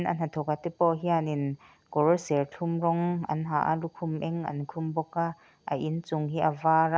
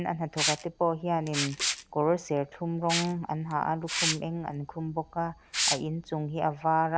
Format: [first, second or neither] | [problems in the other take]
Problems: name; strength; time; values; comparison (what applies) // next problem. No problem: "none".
first | background sound (Liquid); 5 dB below the speech